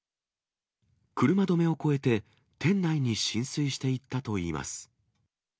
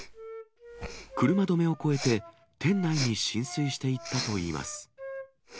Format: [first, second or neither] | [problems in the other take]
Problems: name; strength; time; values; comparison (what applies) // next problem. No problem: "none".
first | background sound (Respiratory sounds + Wind instrument, woodwind instrument); 11 dB below the speech